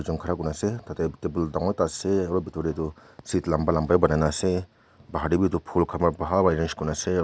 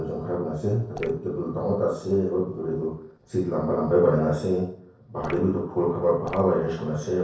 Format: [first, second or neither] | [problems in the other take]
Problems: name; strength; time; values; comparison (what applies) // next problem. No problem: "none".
first | noise reduction (neural separator model SepFormer DNS4)